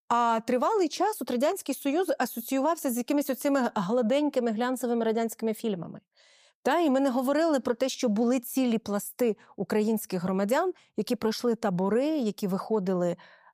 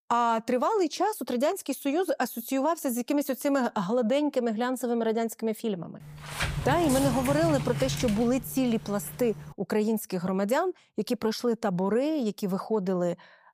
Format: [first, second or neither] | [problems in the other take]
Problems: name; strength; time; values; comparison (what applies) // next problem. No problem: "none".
first | door banging; noticeable; from 6 to 9.5 s; peak 2 dB below the speech